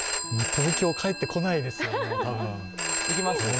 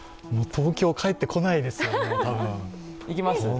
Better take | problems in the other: second | background sound (Telephone); 2 dB below the speech

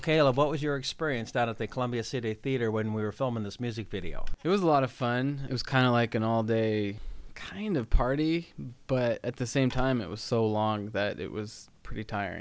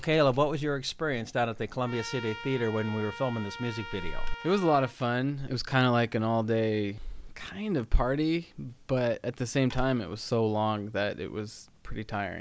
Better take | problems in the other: first | background sound (Trumpet); 14 dB below the speech

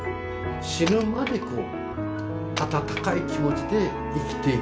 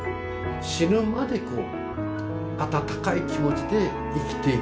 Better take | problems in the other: second | background sound (Wood); 13 dB below the speech

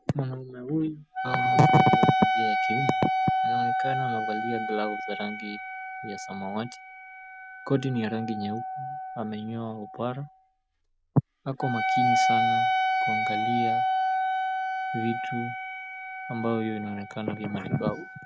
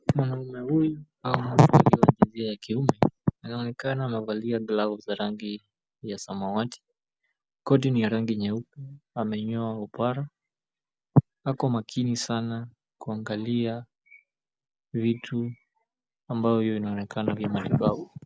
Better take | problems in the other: second | background sound (Wind instrument, woodwind instrument); 2 dB above the speech

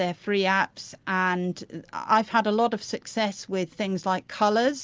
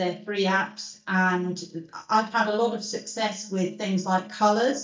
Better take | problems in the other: first | noise reduction (neural mask model DeepFilterNet 3)

